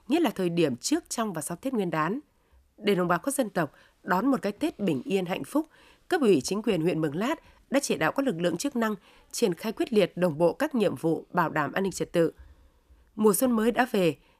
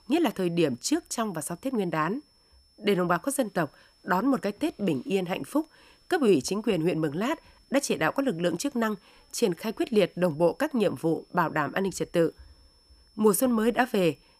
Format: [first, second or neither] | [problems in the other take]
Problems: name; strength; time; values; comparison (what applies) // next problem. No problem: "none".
first | high-pitched whine; faint; throughout; 5.5 kHz, 35 dB below the speech